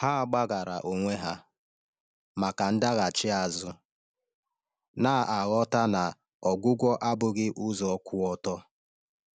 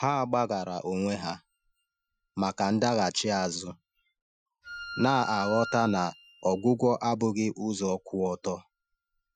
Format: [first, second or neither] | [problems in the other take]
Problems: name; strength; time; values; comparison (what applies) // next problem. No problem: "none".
first | noise reduction (classical method Wiener filter)